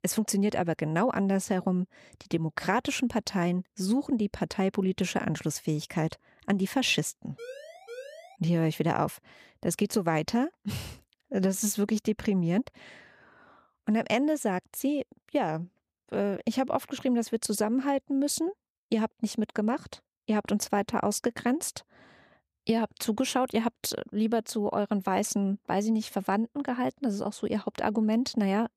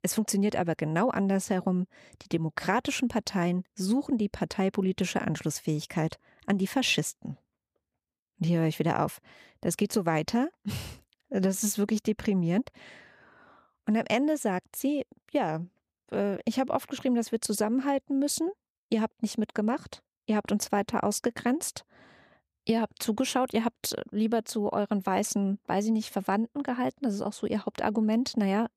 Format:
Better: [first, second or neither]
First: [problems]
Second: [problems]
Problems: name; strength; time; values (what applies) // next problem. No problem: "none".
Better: second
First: siren; faint; at 7.5 s; peak 15 dB below the speech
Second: none